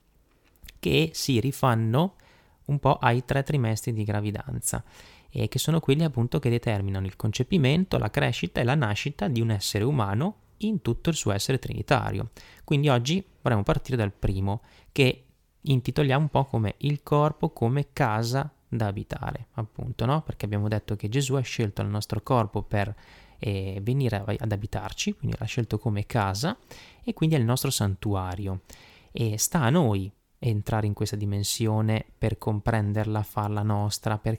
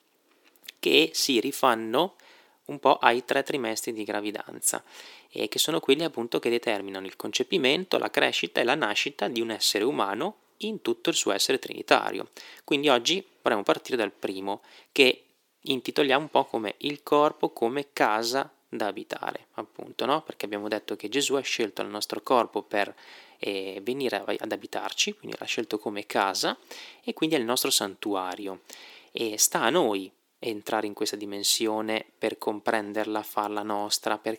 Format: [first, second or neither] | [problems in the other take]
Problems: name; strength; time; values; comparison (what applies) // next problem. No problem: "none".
first | thin; somewhat; fading below 300 Hz